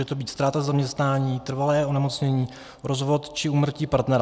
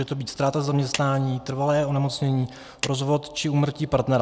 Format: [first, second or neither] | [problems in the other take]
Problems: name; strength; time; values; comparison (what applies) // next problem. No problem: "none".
first | background sound (Clapping); 15 dB below the speech